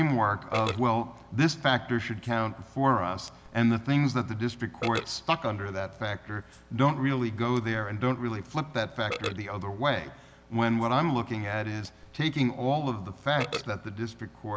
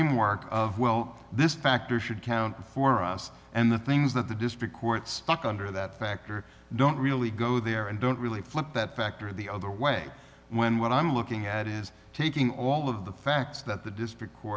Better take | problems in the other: second | background sound (Burping, eructation); 16 dB below the speech

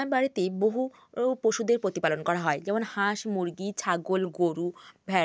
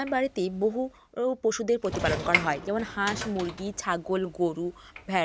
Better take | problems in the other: first | background sound (Sliding door / Train); 8 dB below the speech

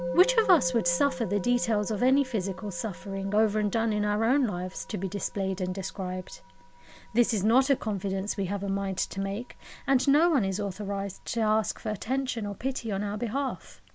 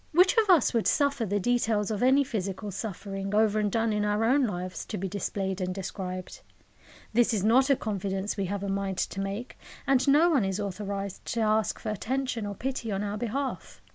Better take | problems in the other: second | background sound (Musical instrument); 15 dB below the speech

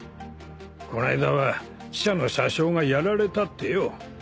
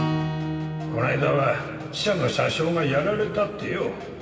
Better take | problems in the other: first | background sound (Acoustic guitar / Strum); 7 dB below the speech // room echo; dies away in 2.5 s

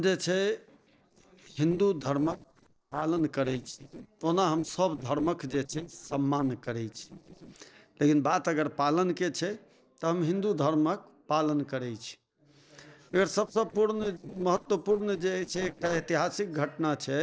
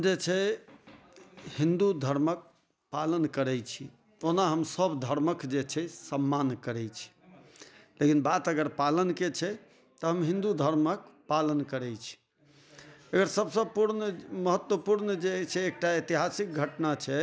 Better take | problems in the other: second | noise reduction (neural separator model SepFormer DNS4)

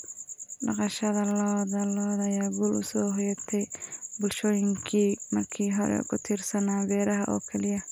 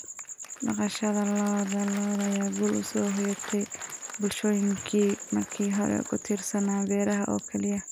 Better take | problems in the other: first | background sound (Applause); 18 dB below the speech

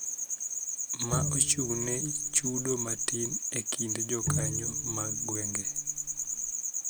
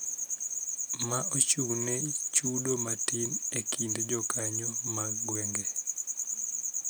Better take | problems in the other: second | background sound (Bowed string instrument); 7 dB below the speech

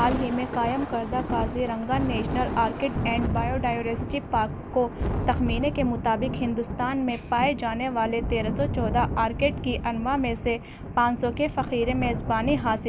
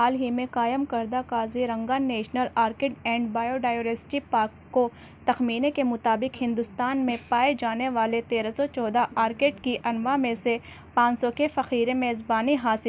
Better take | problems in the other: second | background sound (Thunder); 4 dB below the speech

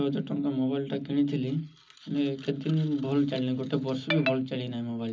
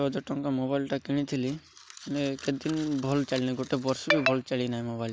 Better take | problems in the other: second | room echo; dies away in 0.4 s

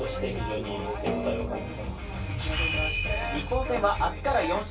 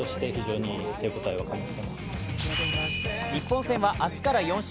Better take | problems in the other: second | background sound (Snare drum); 11 dB below the speech // room echo; dies away in 0.1 s

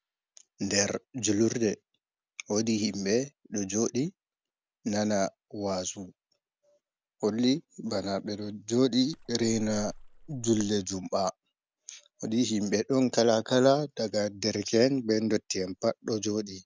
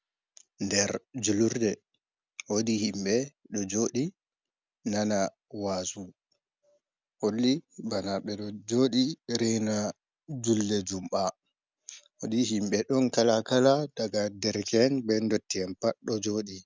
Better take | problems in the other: second | background sound (Splash, splatter); 16 dB below the speech

